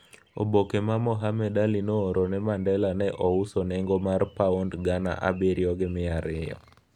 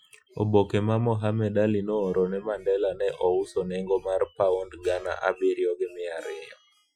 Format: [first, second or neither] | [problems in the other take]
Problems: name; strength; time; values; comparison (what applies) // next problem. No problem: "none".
first | noise reduction (classical method Wiener filter)